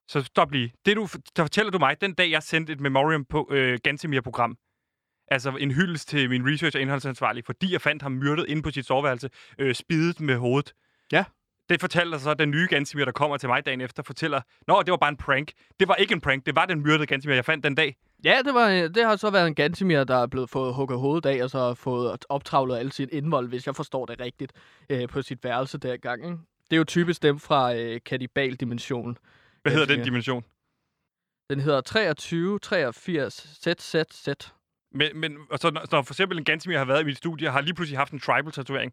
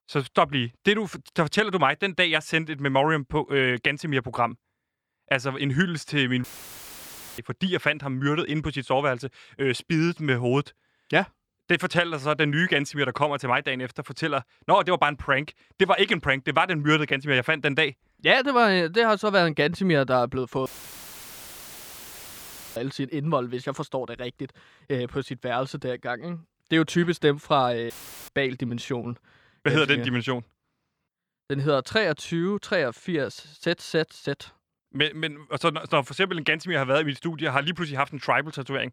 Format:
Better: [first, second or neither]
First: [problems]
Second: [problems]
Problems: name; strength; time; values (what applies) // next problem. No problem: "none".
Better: first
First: none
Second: audio cutting out; filled with static; at 6.5 s for 1 s, at 21 s for 2 s and at 28 s